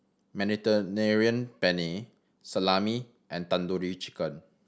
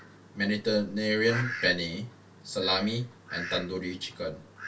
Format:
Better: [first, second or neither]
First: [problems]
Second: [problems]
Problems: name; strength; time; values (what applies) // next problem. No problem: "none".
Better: first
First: none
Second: background sound (Fowl); 12 dB below the speech // room echo; dies away in 0.2 s